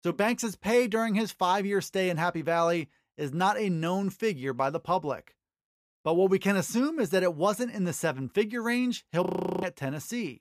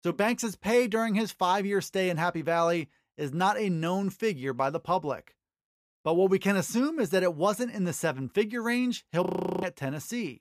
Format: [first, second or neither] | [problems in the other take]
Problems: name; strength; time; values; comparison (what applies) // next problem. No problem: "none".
neither | audio freezing; at 9.5 s; the same in both